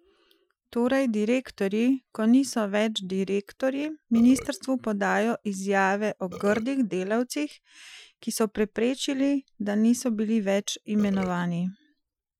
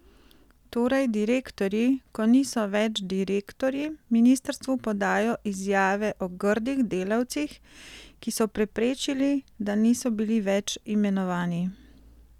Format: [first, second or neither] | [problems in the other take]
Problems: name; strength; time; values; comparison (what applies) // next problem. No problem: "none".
second | noise reduction (classical method Wiener filter)